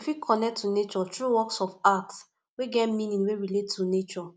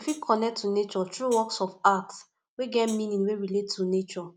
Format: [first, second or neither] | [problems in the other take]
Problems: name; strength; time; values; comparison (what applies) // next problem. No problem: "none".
first | background sound (Hi-hat); 18 dB below the speech